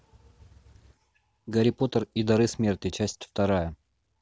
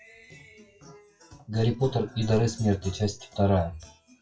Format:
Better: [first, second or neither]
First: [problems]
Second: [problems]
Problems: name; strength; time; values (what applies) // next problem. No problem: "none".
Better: first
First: none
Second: noise reduction (classical method WPE with log-MMSE)